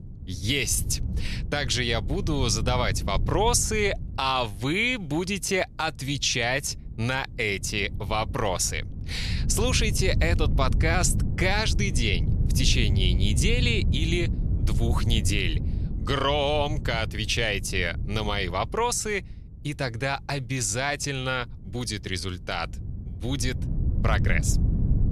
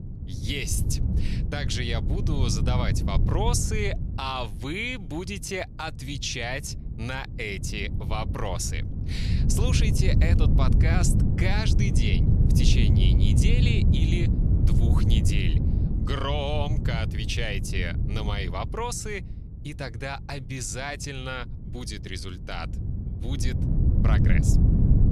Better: first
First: wind noise on the microphone; occasional gusts; 15 dB below the speech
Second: wind noise on the microphone; heavy; 5 dB below the speech

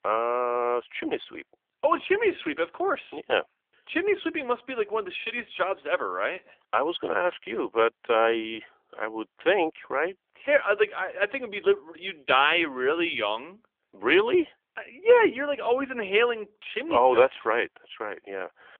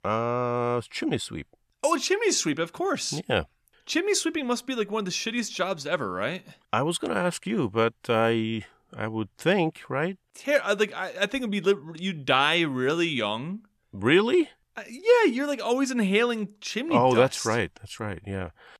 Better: second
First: phone-call audio; nothing above 3.5 kHz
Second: none

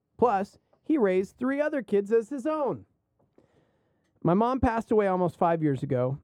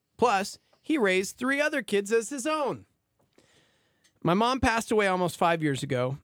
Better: second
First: muffled; very; fading above 1.5 kHz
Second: none

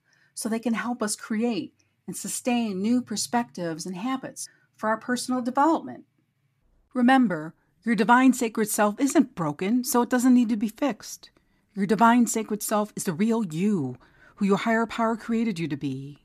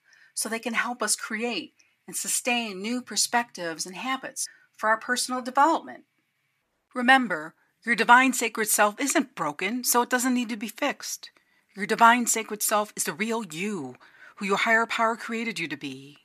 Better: first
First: none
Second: thin; somewhat; fading below 1 kHz

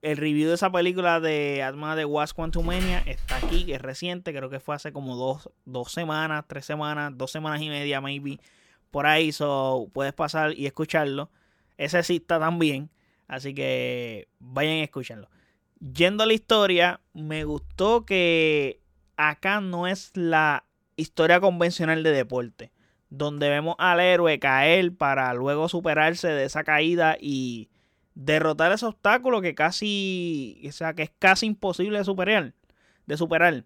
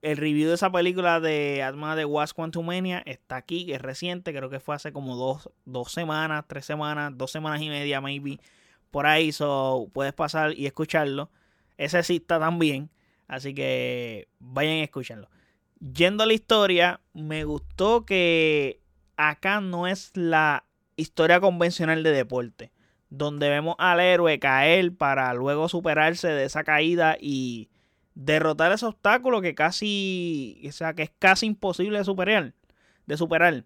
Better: second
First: footsteps; noticeable; from 2.5 to 4 s; peak 7 dB below the speech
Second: none

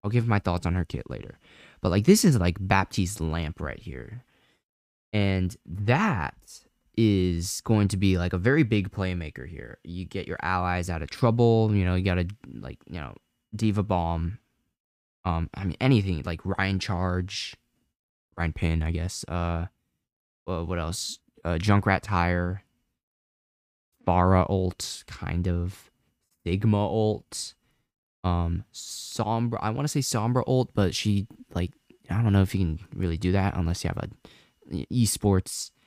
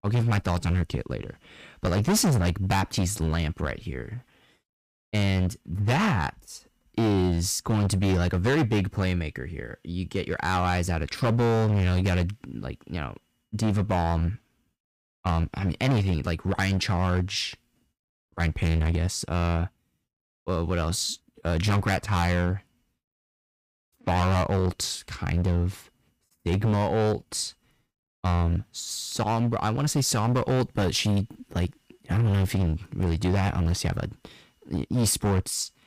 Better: first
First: none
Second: distortion; heavy; 11% of the sound clipped

